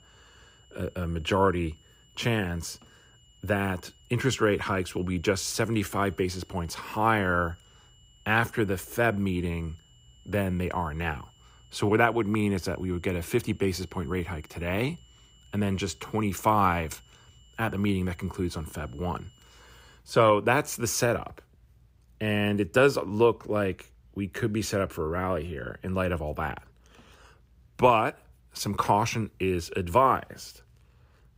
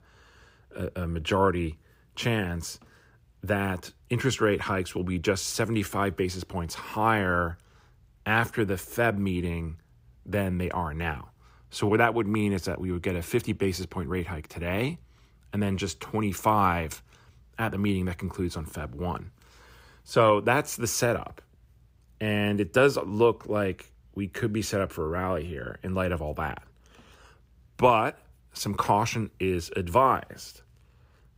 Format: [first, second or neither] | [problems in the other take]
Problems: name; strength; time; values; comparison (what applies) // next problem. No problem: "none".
second | high-pitched whine; faint; until 20 s; 3 kHz, 30 dB below the speech